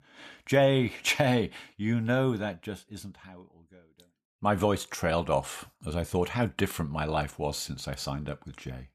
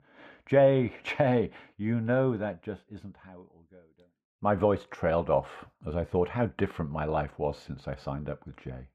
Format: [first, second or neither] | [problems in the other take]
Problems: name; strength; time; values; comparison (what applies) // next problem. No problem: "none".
first | muffled; very; fading above 4 kHz